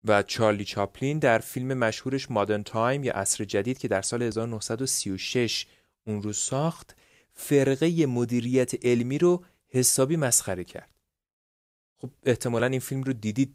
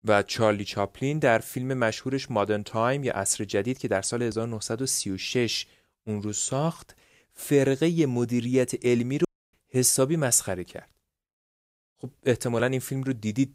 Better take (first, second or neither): first